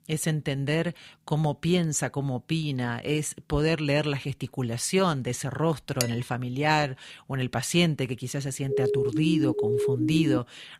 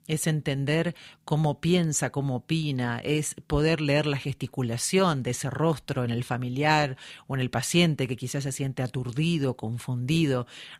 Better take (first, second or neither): second